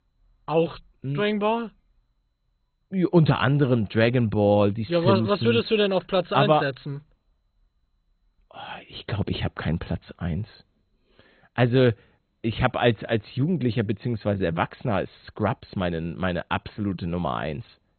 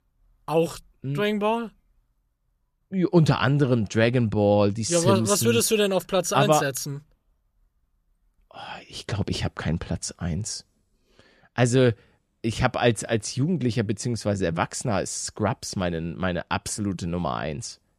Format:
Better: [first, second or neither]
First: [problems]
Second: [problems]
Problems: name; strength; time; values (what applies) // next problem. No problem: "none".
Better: second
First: garbled, watery; badly; nothing above 4 kHz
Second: none